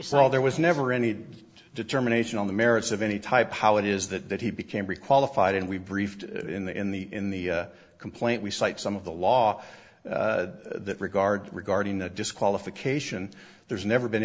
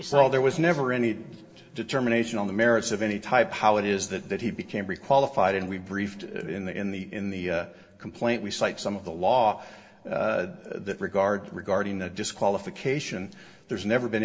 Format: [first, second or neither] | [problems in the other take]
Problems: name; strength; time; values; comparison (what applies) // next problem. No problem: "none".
first | room echo; dies away in 1.4 s